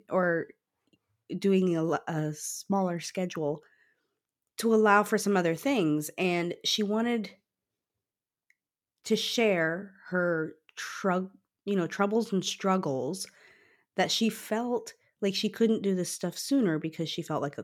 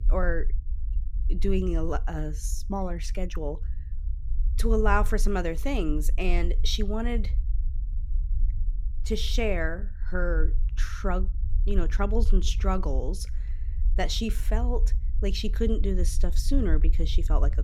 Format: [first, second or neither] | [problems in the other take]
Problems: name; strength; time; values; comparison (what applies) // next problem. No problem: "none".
first | low rumble; faint; throughout; 20 dB below the speech